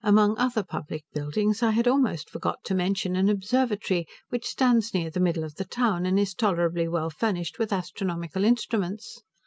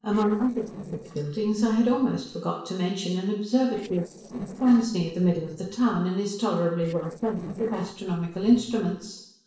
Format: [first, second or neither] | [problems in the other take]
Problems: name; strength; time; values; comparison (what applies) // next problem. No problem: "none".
first | noise reduction (neural separator model SepFormer DNS4)